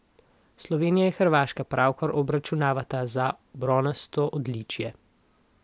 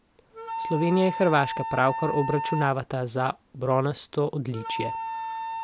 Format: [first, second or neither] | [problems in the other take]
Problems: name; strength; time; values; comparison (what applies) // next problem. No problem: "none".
first | background sound (Wind instrument, woodwind instrument); 7 dB below the speech